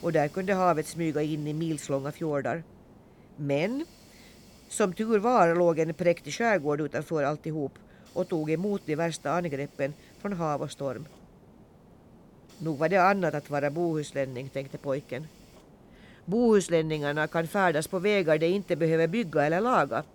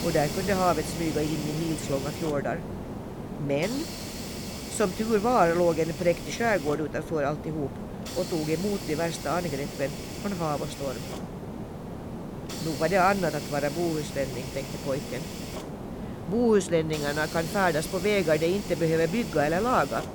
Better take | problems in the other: first | hiss; loud; throughout; 8 dB below the speech; faint in the first

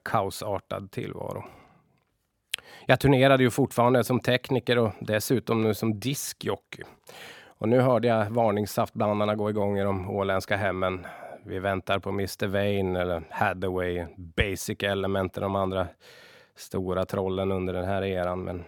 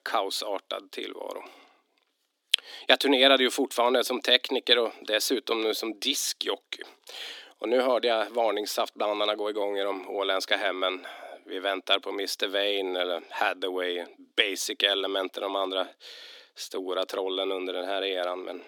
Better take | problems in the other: first | thin; somewhat; fading below 250 Hz

